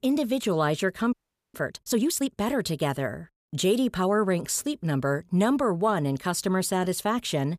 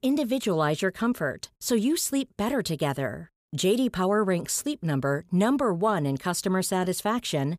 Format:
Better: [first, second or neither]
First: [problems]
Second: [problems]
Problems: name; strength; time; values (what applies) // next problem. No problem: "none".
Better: second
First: audio freezing; at 1 s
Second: none